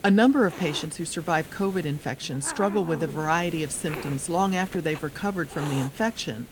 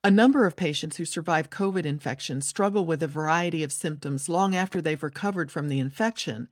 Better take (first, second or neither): second